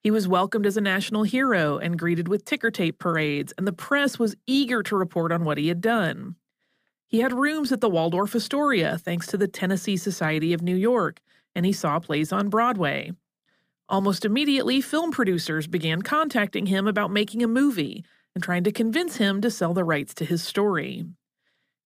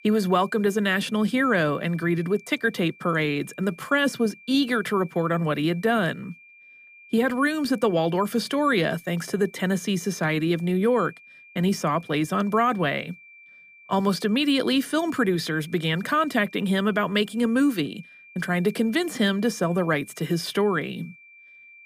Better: first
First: none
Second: high-pitched whine; faint; throughout; 2.5 kHz, 25 dB below the speech

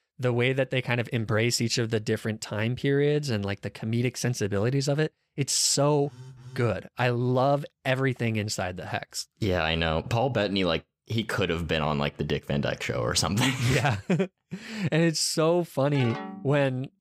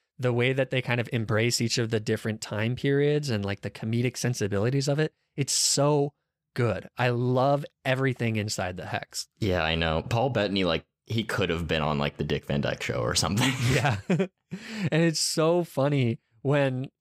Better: second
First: phone ringing; faint; at 6 s; peak 20 dB below the speech // phone ringing; noticeable; at 16 s; peak 10 dB below the speech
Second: none

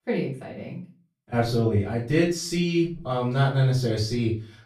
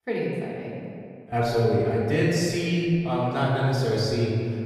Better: first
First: room echo; slight; dies away in 0.3 s // off-mic speech; far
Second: room echo; strong; dies away in 2.2 s // off-mic speech; far

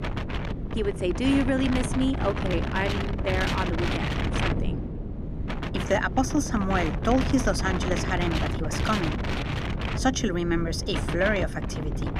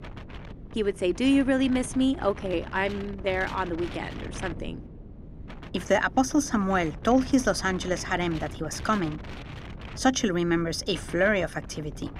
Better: second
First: wind noise on the microphone; heavy; 5 dB below the speech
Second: wind noise on the microphone; occasional gusts; 15 dB below the speech

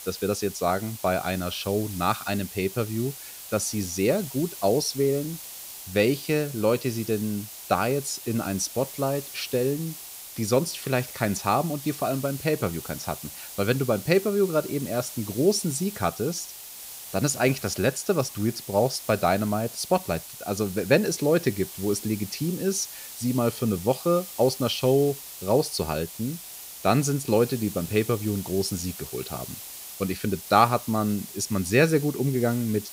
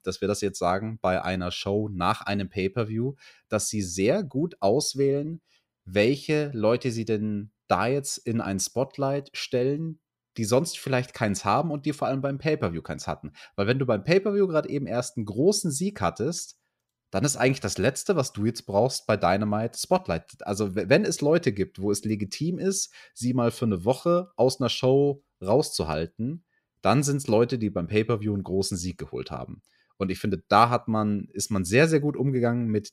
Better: second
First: hiss; noticeable; throughout; 10 dB below the speech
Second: none

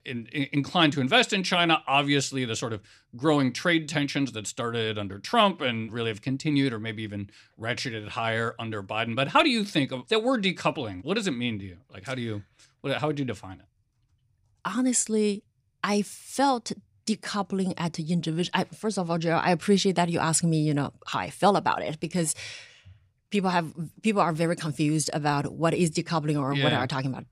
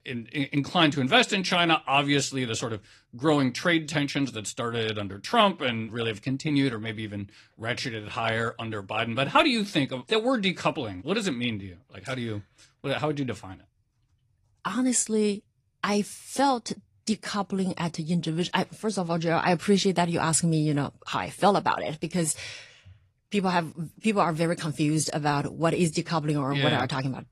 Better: first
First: none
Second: garbled, watery; slightly

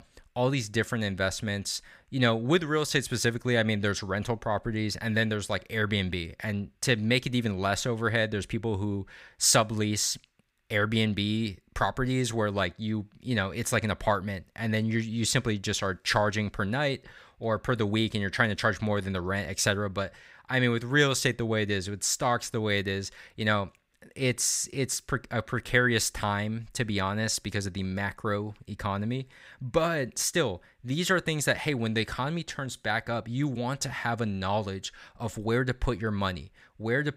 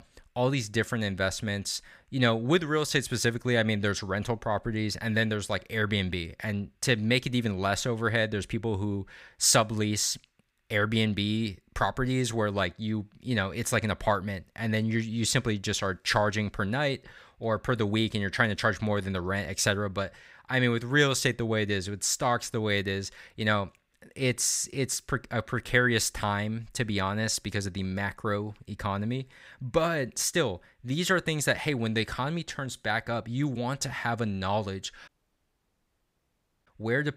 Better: first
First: none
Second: audio cutting out; at 35 s for 1.5 s

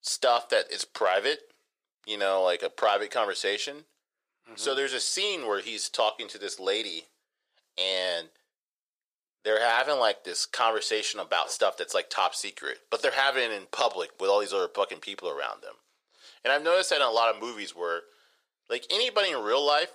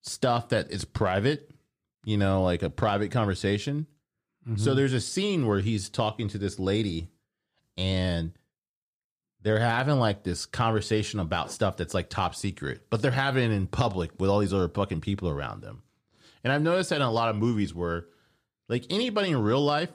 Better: second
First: thin; very; fading below 500 Hz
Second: none

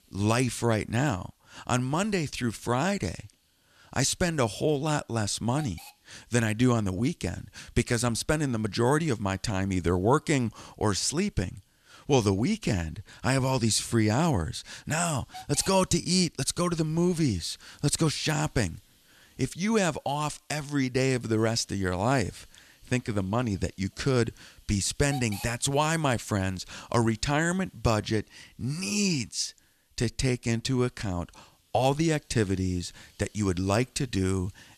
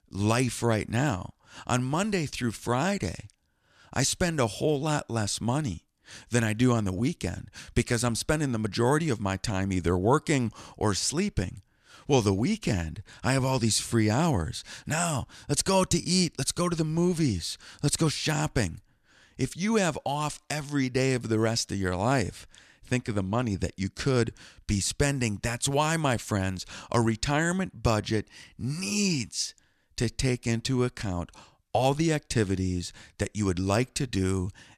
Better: second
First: hiss; faint; throughout; 25 dB below the speech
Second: none

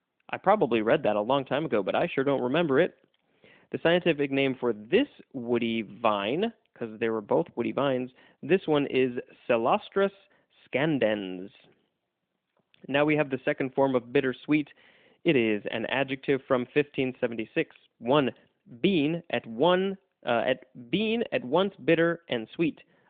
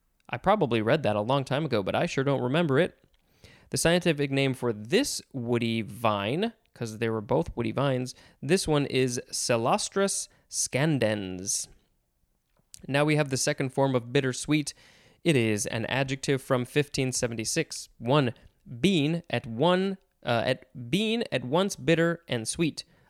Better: second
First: phone-call audio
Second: none

